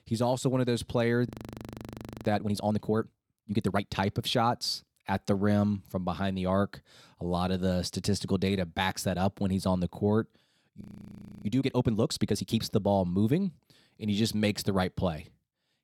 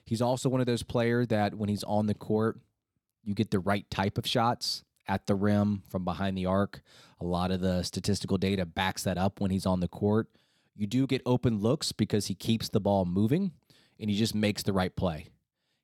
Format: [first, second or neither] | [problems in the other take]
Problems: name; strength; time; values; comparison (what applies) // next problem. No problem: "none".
second | audio freezing; at 1.5 s for 1 s and at 11 s for 0.5 s